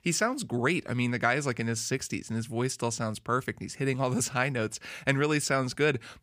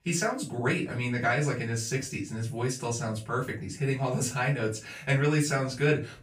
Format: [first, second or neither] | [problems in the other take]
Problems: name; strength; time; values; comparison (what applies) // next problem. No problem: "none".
first | off-mic speech; far // room echo; slight; dies away in 0.3 s